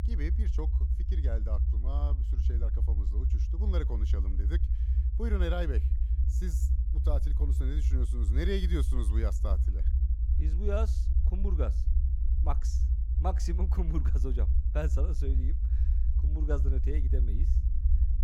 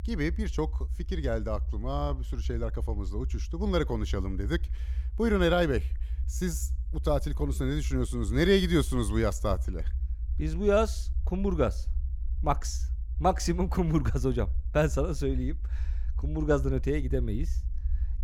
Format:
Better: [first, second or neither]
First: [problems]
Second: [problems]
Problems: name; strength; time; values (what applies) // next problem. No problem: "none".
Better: second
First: low rumble; loud; throughout; 7 dB below the speech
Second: low rumble; faint; throughout; 25 dB below the speech